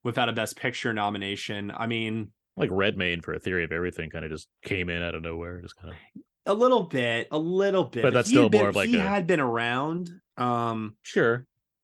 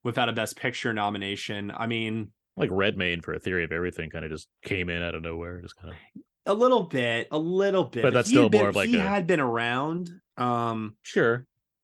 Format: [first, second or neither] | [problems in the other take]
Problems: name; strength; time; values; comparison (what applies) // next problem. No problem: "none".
neither | none